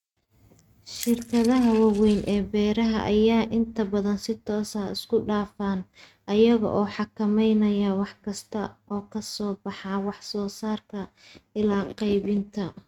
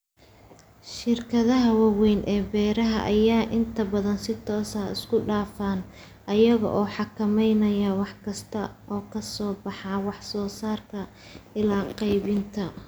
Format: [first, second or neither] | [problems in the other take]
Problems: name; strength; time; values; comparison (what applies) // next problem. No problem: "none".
second | noise reduction (neural mask model RNNoise)